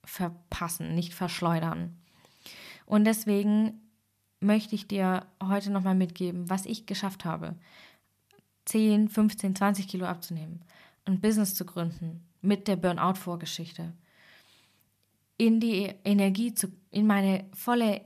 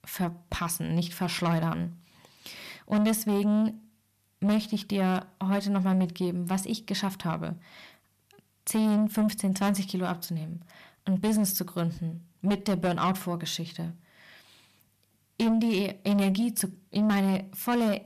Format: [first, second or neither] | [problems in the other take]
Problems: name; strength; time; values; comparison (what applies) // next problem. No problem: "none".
first | distortion; slight; 10 dB below the speech